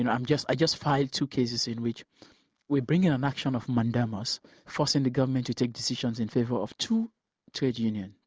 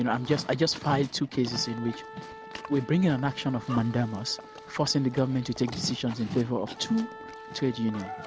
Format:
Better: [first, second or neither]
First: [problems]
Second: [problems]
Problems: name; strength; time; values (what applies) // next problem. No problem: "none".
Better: first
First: none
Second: background sound (Livestock, farm animals, working animals + Wind instrument, woodwind instrument); 12 dB below the speech